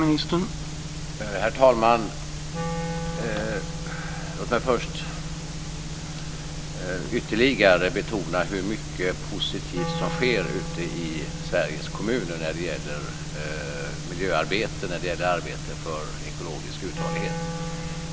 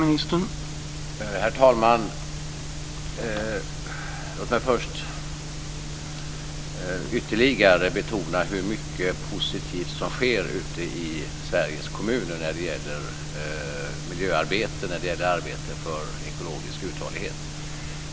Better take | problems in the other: second | background sound (Wind instrument, woodwind instrument); 10 dB below the speech

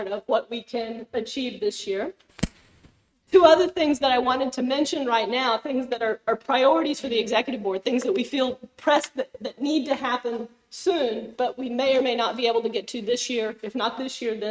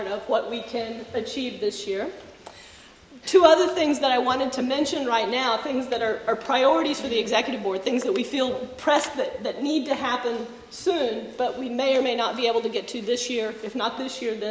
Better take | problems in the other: second | noise reduction (neural mask model RNNoise)

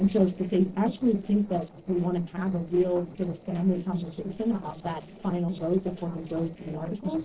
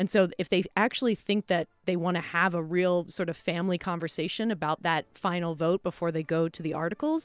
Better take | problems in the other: second | noise reduction (neural separator model SepFormer DNS4)

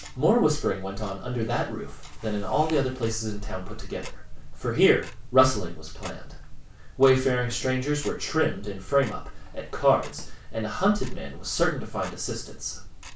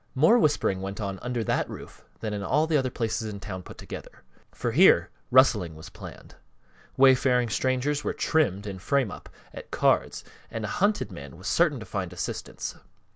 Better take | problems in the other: second | background sound (Tick-tock); 12 dB below the speech // room echo; dies away in 0.3 s

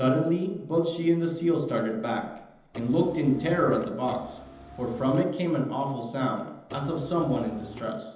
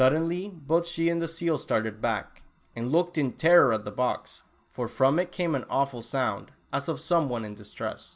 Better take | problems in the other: second | background sound (Car); 16 dB below the speech // room echo; dies away in 0.9 s

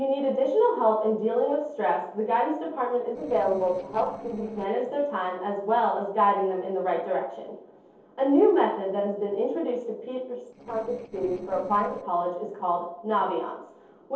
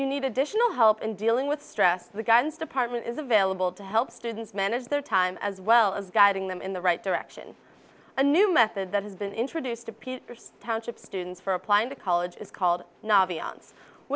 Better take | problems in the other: second | noise reduction (neural separator model SepFormer DNS4)

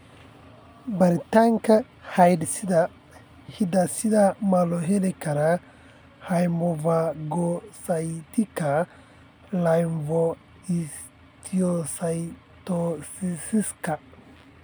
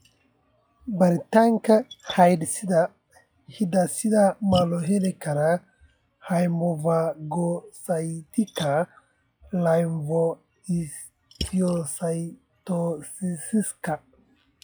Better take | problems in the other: first | noise reduction (classical method log-MMSE)

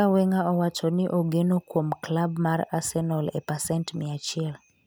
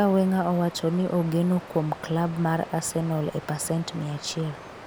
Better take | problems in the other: first | background sound (Water); 16 dB below the speech

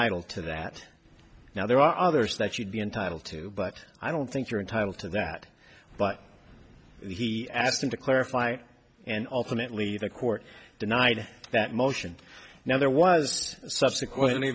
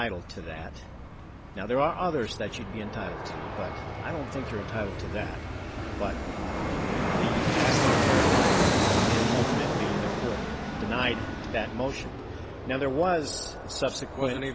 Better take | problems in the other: first | background sound (Fixed-wing aircraft, airplane); 3 dB above the speech

